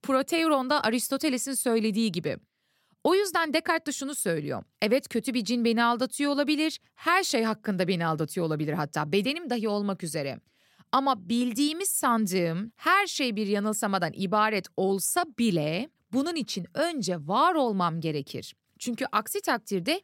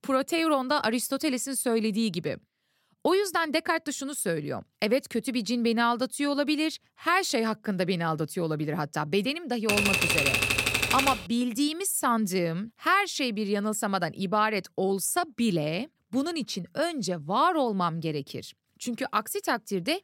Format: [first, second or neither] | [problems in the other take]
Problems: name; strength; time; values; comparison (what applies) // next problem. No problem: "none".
first | keyboard typing; loud; from 9.5 to 11 s; peak 5 dB above the speech